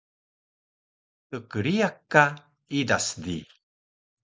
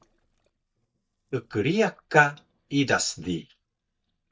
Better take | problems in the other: first | noise reduction (neural mask model DeepFilterNet 3)

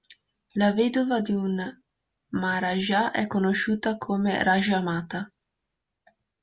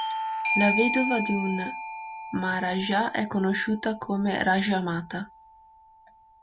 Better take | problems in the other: first | background sound (Bell / Doorbell); 6 dB below the speech

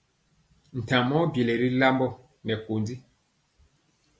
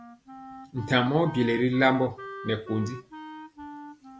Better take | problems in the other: first | background sound (Wind instrument, woodwind instrument); 14 dB below the speech

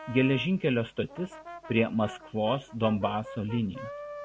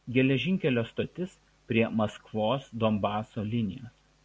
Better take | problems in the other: second | background sound (Brass instrument); 15 dB below the speech

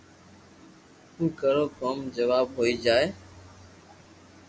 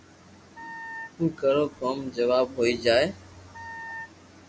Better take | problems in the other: first | background sound (Wind instrument, woodwind instrument); 14 dB below the speech

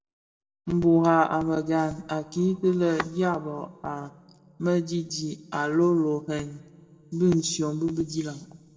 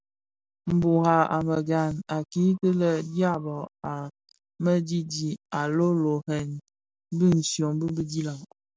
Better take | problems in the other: second | background sound (Tap / Glass); 14 dB below the speech // room echo; dies away in 1.2 s

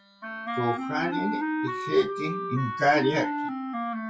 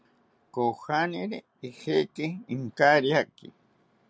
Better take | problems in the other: second | noise reduction (classical method WPE with log-MMSE)

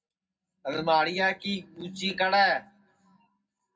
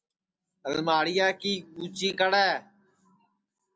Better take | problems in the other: second | room echo; dies away in 0.3 s

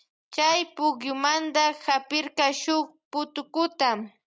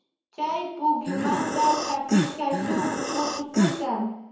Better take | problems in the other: first | background sound (Breathing); 2 dB above the speech // room echo; dies away in 0.9 s

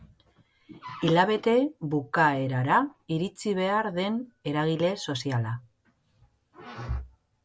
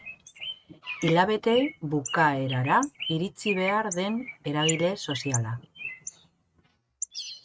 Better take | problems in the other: first | noise reduction (neural mask model RNNoise)

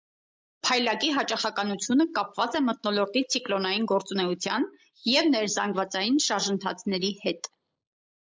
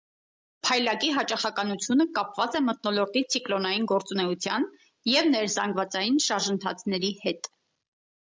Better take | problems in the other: second | noise reduction (neural mask model Resemble Enhance denoiser)

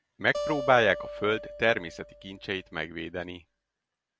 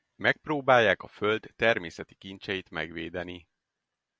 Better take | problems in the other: second | background sound (Acoustic guitar); 10 dB below the speech

